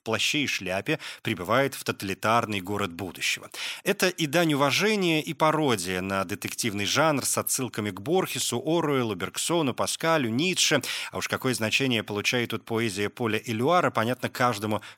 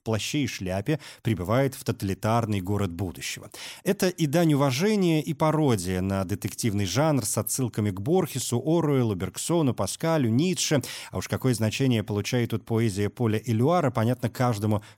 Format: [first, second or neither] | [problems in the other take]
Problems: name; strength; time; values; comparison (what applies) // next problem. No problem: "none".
second | thin; very slightly; fading below 700 Hz